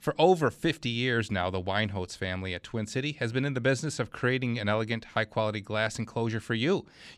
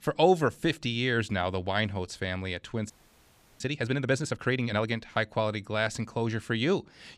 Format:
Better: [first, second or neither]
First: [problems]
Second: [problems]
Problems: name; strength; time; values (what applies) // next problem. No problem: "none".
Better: first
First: none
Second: audio freezing; at 3 s for 0.5 s